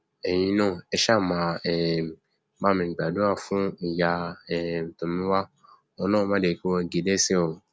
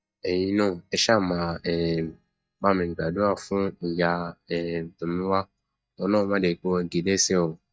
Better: first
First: none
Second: noise reduction (neural mask model DeepFilterNet 3)

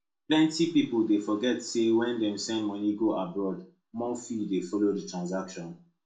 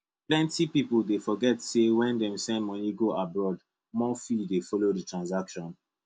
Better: second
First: room echo; dies away in 0.3 s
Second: none

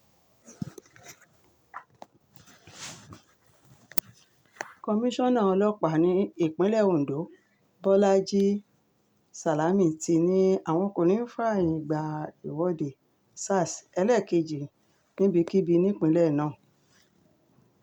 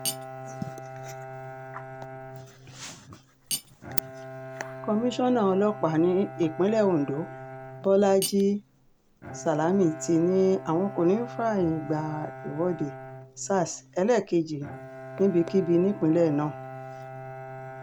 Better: first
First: none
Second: background sound (Cutlery, silverware + Bowed string instrument); 13 dB below the speech

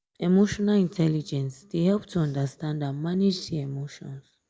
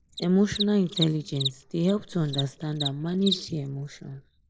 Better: first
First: none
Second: noise reduction (neural mask model Resemble Enhance denoiser)

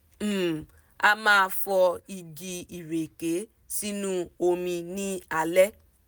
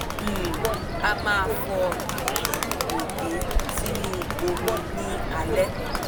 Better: first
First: none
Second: background sound (Bird + Crowd); 3 dB above the speech

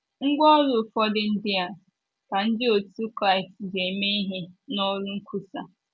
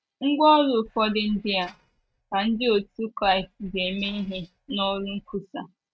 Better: first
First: none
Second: noise reduction (neural mask model RNNoise)

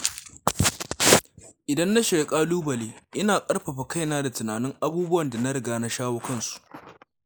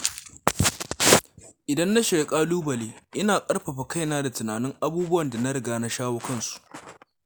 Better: second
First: noise reduction (neural mask model Resemble Enhance denoiser)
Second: none

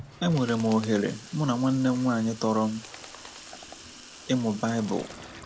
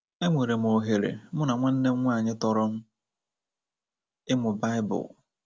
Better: second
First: background sound (Sink (filling or washing) / Water tap, faucet + Bird); 17 dB below the speech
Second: none

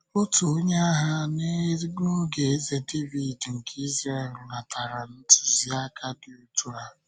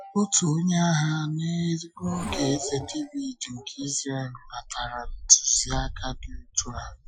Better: first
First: none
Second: noise reduction (classical method Wiener filter)

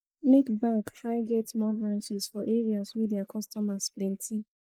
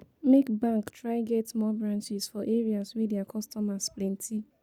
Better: second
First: noise reduction (neural mask model Resemble Enhance denoiser)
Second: none

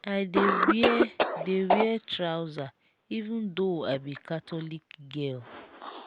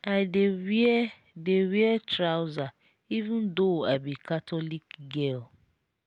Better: second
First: background sound (Cough); 1 dB below the speech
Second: none

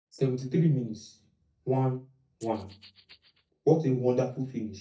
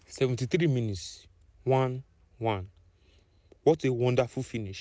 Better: second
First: noise reduction (neural mask model DeepFilterNet 3)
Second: none

